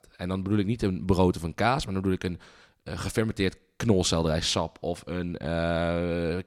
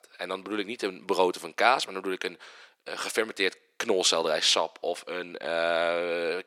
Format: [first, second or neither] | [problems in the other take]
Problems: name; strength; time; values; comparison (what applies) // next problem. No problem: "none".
first | thin; very; fading below 400 Hz